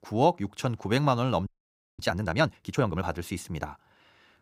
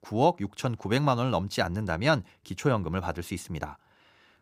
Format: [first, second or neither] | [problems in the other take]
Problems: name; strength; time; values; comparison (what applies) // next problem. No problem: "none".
second | audio freezing; at 1.5 s for 0.5 s